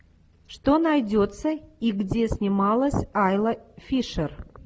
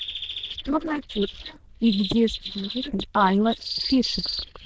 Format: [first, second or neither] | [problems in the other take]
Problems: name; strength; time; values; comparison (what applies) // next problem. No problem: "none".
first | noise reduction (neural diffusion model UNIVERSE++)